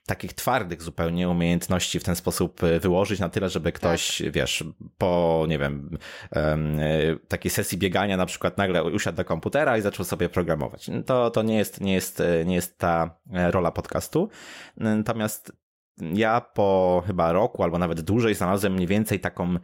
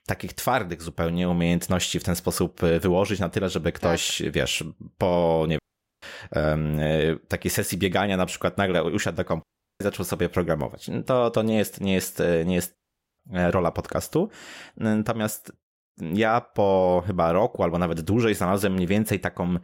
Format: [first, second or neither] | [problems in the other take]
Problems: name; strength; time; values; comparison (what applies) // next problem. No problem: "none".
first | audio cutting out; at 5.5 s, at 9.5 s and at 13 s